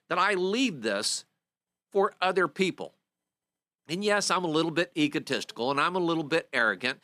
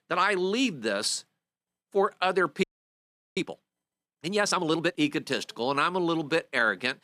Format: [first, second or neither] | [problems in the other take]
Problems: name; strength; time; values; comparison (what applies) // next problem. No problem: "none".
first | audio freezing; at 2.5 s for 0.5 s